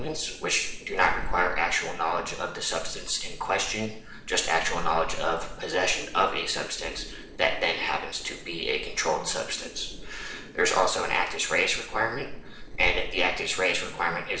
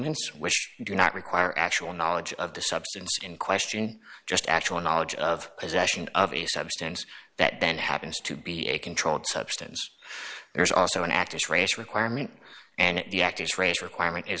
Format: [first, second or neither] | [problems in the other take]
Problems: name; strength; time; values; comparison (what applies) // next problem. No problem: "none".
second | noise reduction (neural separator model SepFormer DNS4)